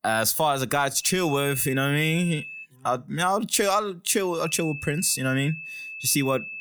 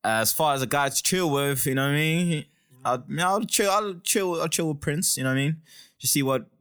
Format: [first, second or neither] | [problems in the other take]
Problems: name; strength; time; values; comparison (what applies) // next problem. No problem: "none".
second | high-pitched whine; noticeable; from 1 to 2.5 s and from 4.5 s on; 2.5 kHz, 10 dB below the speech